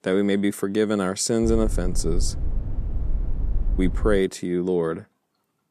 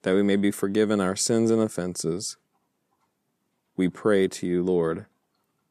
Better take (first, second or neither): second